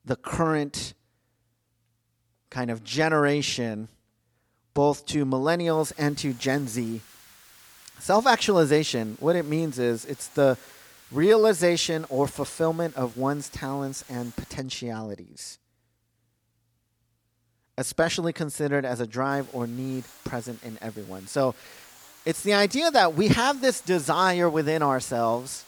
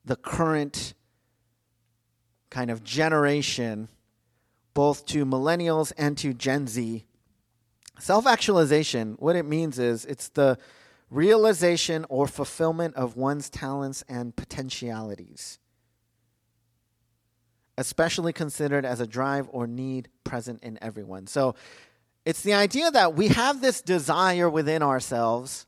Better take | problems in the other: second | hiss; faint; from 5.5 to 15 s and from 19 s on; 25 dB below the speech

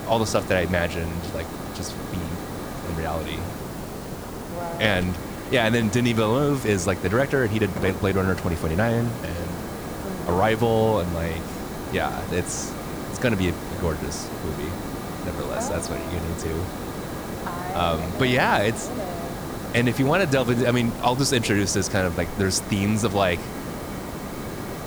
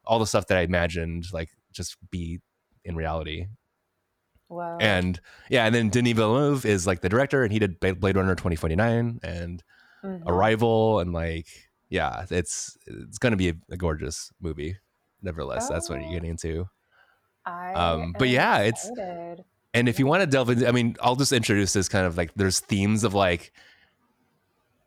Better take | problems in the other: second | hiss; loud; throughout; 8 dB below the speech

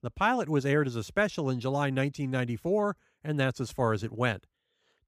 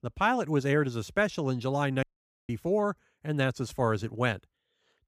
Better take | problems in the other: first | audio cutting out; at 2 s

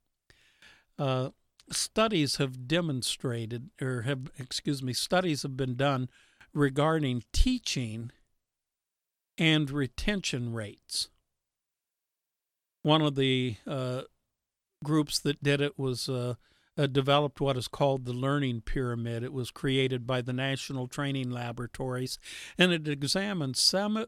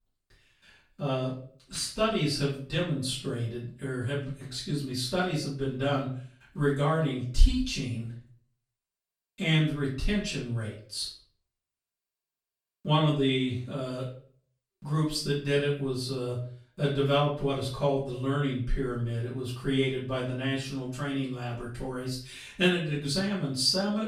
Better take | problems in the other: first | off-mic speech; far // room echo; noticeable; dies away in 0.4 s

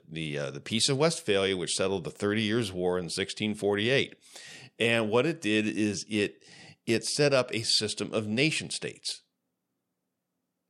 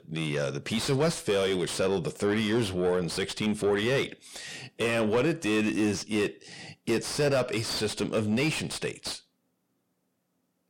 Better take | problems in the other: first | distortion; heavy; 6 dB below the speech

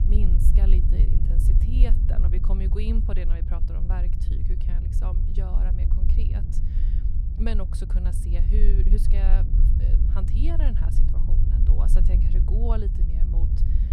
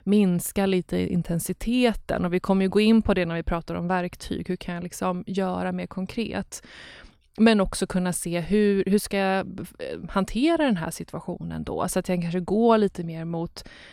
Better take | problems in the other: second | low rumble; loud; throughout; 2 dB below the speech

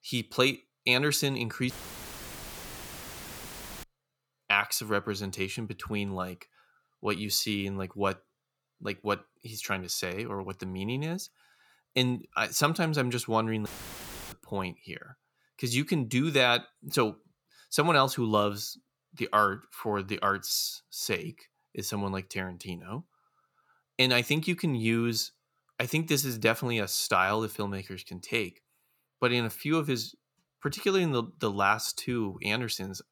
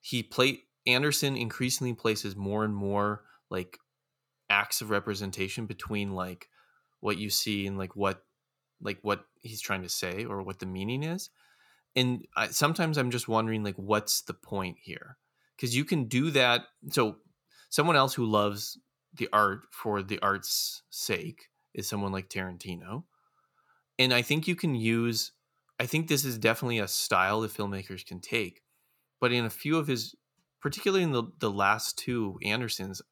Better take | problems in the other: second | audio cutting out; filled with static; at 1.5 s for 2 s and at 14 s for 0.5 s

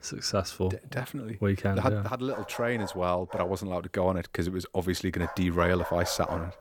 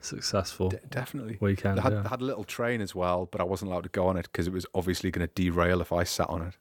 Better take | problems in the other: second | dog barking; noticeable; from 2.5 s on; peak 7 dB below the speech

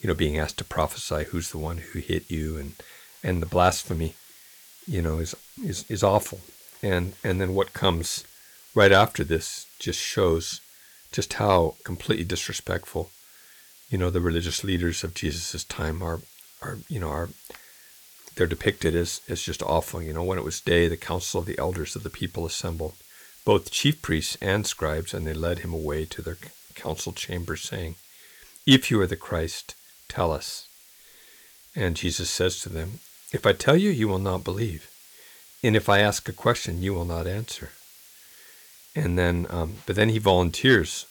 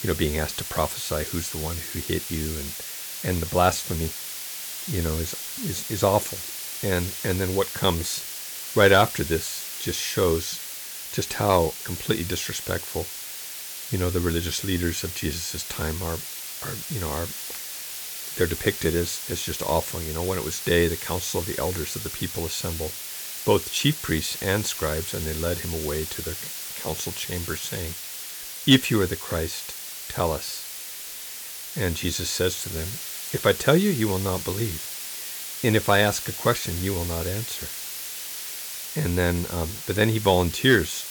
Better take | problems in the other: first | hiss; loud; throughout; 6 dB below the speech; faint in the first

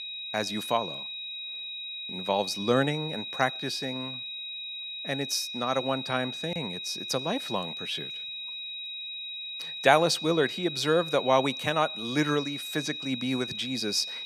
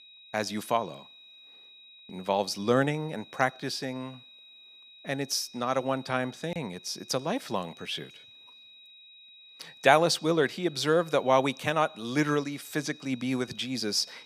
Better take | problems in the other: second | high-pitched whine; loud; throughout; 4 kHz, 6 dB below the speech; faint in the second

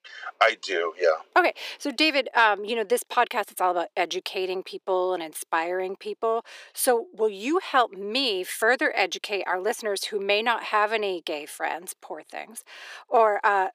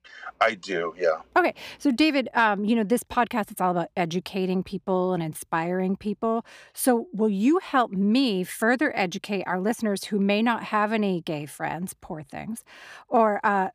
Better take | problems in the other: second | thin; very; fading below 400 Hz

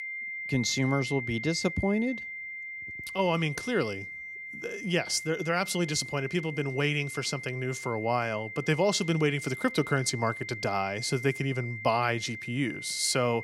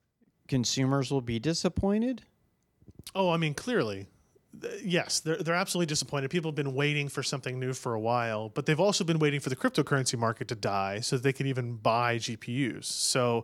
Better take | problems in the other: second | high-pitched whine; loud; throughout; 2 kHz, 8 dB below the speech

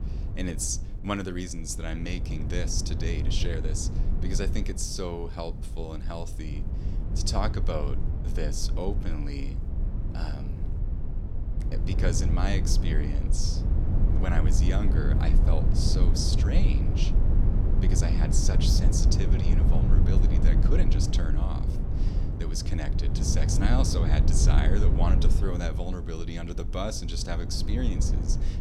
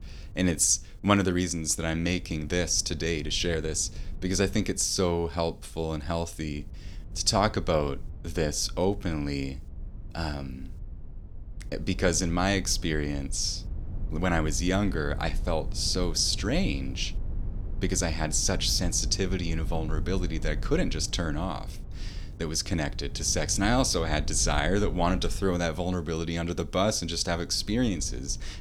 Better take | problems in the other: second | low rumble; loud; throughout; 5 dB below the speech; faint in the second

